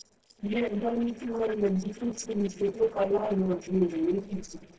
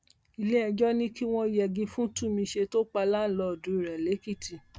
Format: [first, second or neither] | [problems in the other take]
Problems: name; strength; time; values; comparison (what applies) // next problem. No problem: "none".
second | noise reduction (neural separator model SepFormer DNS4)